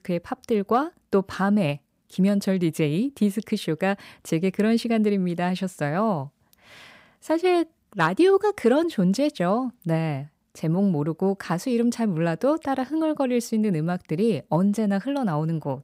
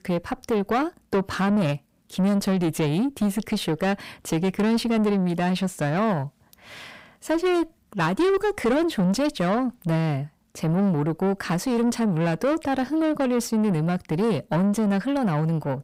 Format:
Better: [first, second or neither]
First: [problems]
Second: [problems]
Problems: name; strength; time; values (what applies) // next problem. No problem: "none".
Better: first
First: none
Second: distortion; slight; 9 dB below the speech